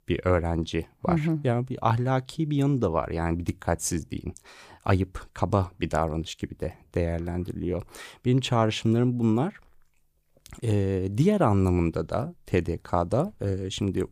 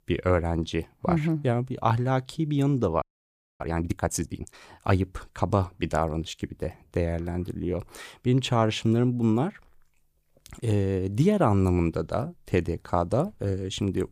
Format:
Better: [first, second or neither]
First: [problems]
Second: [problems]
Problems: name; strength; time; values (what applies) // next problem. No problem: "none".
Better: first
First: none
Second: audio freezing; at 3 s for 0.5 s